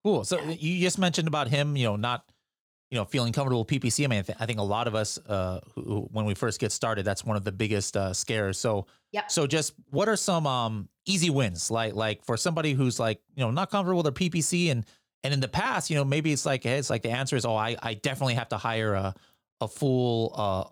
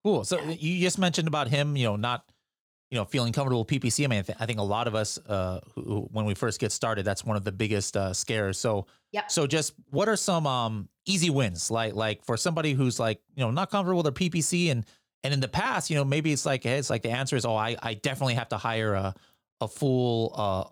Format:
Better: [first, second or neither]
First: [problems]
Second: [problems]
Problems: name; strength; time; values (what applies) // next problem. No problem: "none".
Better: neither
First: none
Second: none